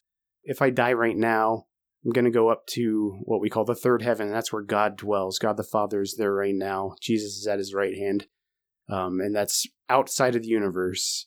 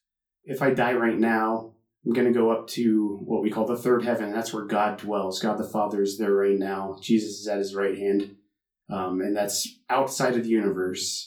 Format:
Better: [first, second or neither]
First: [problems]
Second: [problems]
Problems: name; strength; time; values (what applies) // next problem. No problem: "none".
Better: first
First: none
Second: off-mic speech; far // room echo; very slight; dies away in 0.2 s